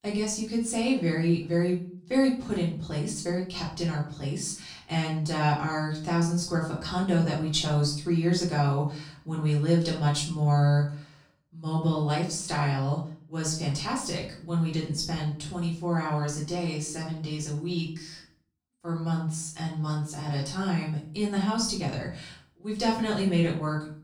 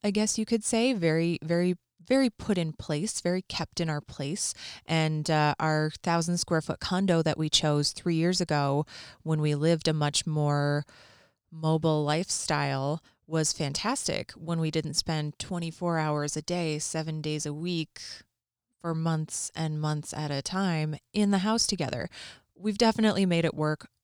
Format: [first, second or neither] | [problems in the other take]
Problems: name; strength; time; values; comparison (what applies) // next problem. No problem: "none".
second | off-mic speech; far // room echo; slight; dies away in 0.4 s